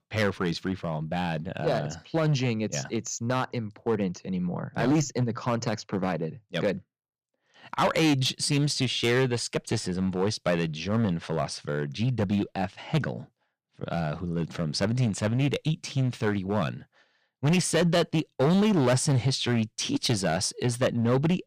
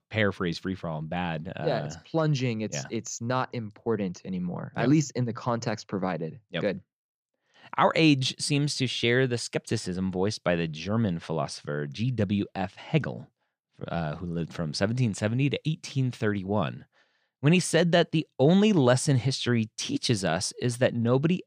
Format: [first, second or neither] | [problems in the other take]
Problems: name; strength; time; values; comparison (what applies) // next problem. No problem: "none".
second | distortion; slight; 7% of the sound clipped